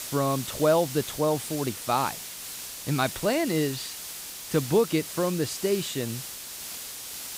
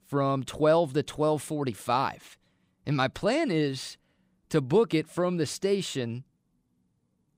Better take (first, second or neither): second